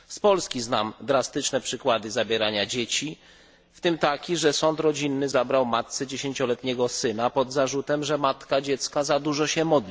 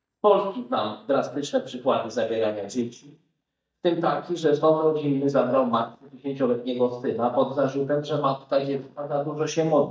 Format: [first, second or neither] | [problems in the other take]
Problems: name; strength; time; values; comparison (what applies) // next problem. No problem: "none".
first | noise reduction (neural mask model DeepFilterNet 3)